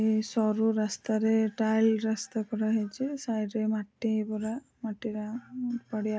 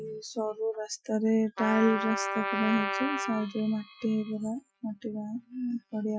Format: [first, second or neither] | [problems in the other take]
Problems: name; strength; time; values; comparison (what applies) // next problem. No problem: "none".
first | noise reduction (classical method Wiener filter)